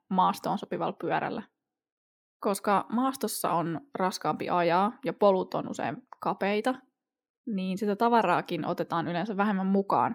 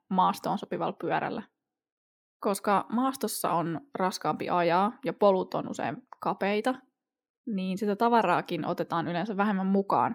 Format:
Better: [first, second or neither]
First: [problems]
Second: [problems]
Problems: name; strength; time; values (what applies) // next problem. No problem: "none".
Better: neither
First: none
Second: none